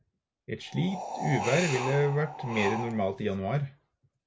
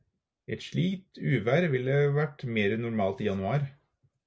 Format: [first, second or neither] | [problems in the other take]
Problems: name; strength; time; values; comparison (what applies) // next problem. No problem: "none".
second | background sound (Wind); 6 dB below the speech